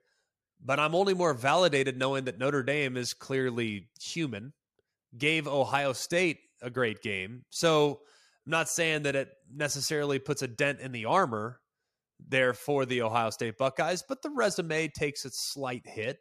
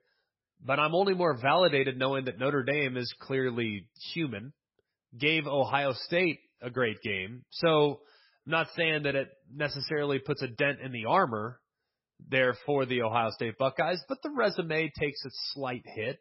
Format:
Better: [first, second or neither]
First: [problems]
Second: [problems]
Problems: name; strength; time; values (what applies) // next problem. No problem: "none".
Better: first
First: none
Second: garbled, watery; badly; nothing above 5.5 kHz